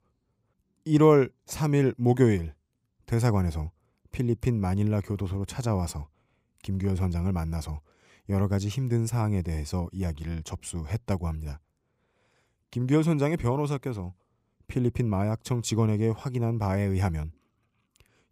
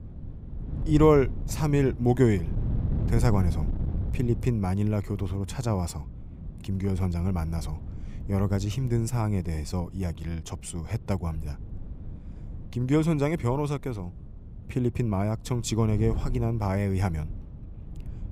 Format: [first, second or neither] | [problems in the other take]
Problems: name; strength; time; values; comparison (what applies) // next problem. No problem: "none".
first | wind noise on the microphone; occasional gusts; 15 dB below the speech